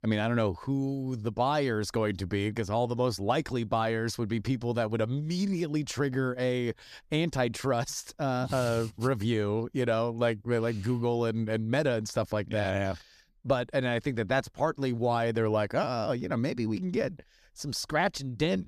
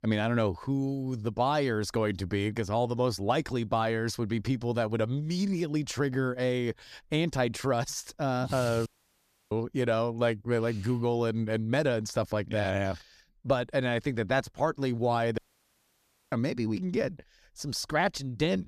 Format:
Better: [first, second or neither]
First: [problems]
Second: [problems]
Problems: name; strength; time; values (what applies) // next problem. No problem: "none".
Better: first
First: none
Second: audio cutting out; at 9 s for 0.5 s and at 15 s for 1 s